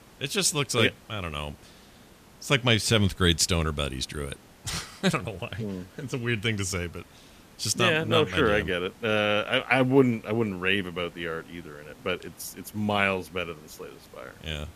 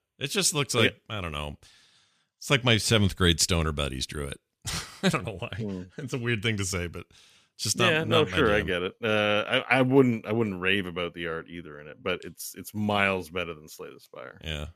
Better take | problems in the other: second | hiss; faint; throughout; 25 dB below the speech

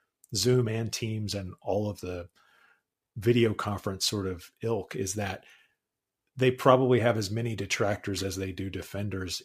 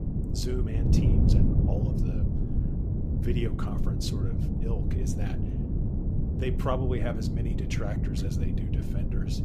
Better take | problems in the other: first | wind noise on the microphone; heavy; as loud as the speech

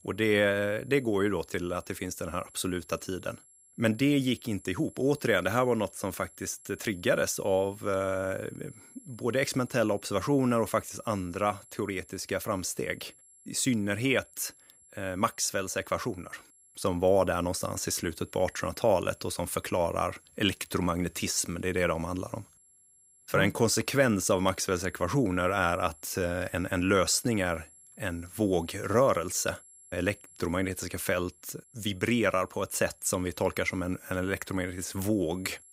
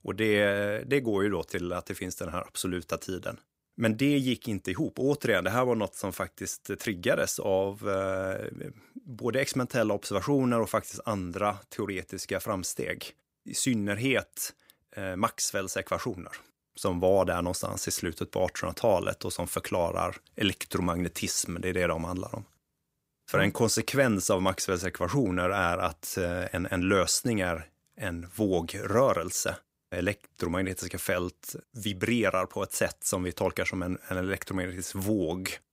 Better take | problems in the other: second | high-pitched whine; faint; throughout; 11 kHz, 25 dB below the speech

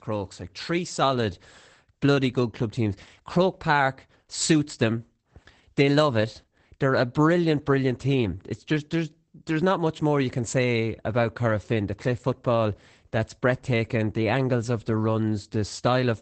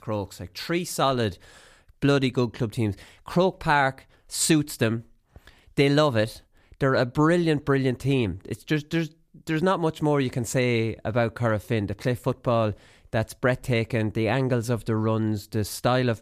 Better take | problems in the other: second | garbled, watery; badly; nothing above 8 kHz

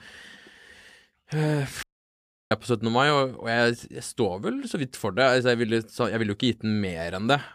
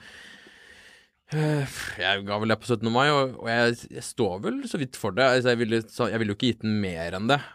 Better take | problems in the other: second | audio cutting out; at 2 s for 0.5 s

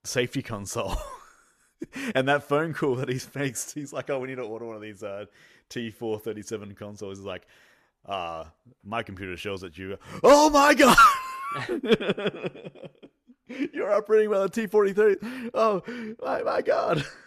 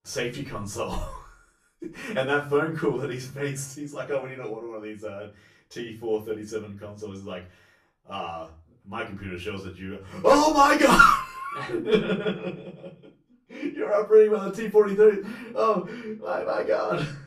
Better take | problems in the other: first | off-mic speech; far // room echo; slight; dies away in 0.3 s

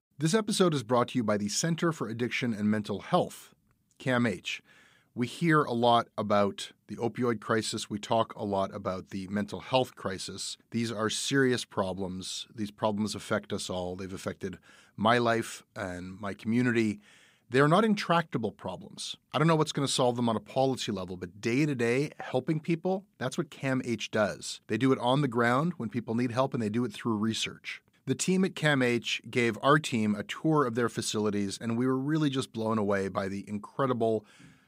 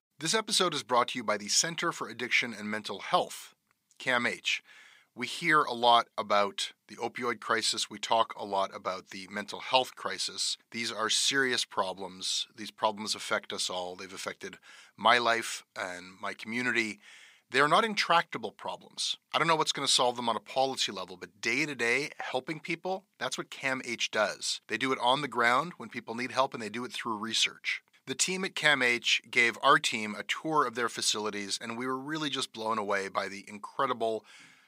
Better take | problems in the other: first | thin; somewhat; fading below 800 Hz

